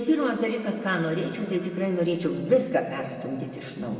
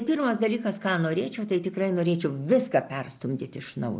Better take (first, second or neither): second